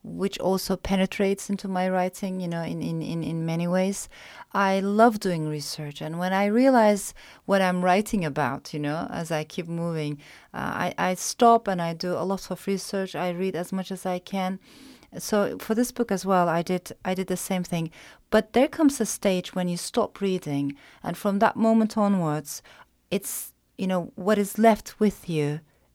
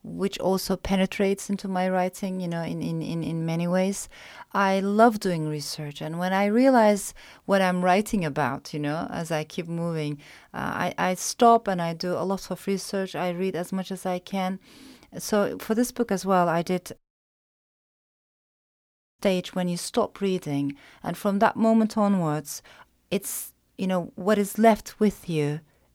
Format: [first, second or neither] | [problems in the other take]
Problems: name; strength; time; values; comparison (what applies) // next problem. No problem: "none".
first | audio cutting out; at 17 s for 2 s